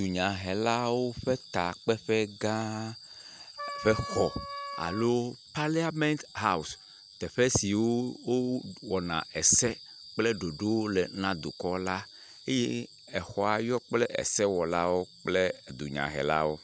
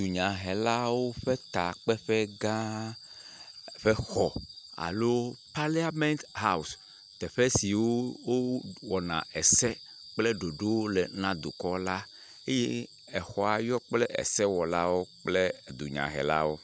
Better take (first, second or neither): second